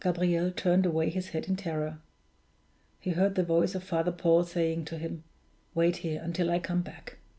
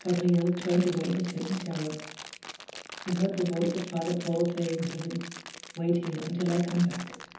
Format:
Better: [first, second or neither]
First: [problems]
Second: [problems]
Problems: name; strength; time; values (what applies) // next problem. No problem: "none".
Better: first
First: none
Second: background sound (Crumpling, crinkling); 14 dB below the speech // room echo; dies away in 0.8 s